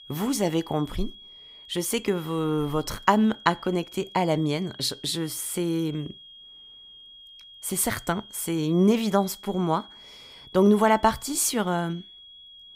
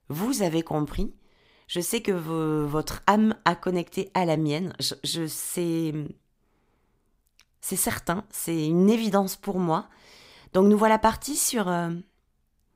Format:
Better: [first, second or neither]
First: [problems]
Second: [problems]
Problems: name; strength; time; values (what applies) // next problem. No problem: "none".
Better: second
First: high-pitched whine; noticeable; throughout; 3.5 kHz, 20 dB below the speech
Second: none